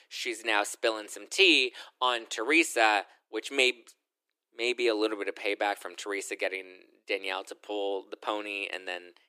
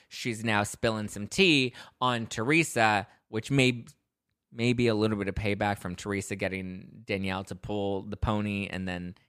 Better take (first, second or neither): second